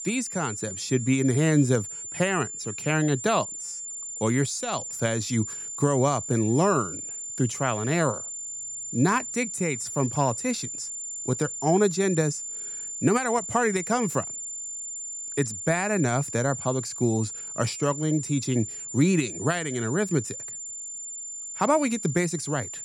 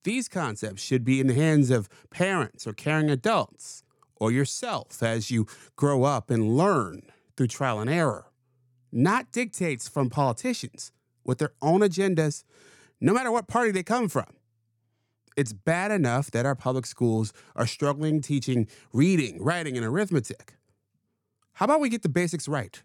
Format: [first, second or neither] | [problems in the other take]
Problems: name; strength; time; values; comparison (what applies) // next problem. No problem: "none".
second | high-pitched whine; loud; throughout; 7 kHz, 7 dB below the speech